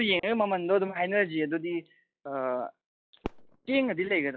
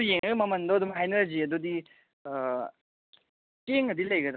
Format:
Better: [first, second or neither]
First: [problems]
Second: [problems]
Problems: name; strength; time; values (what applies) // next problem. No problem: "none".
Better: second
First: noise reduction (classical method log-MMSE)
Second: none